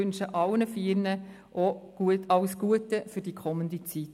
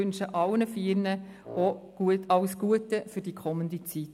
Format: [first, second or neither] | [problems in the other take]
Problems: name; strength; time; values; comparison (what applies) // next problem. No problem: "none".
first | background sound (Wind instrument, woodwind instrument); 15 dB below the speech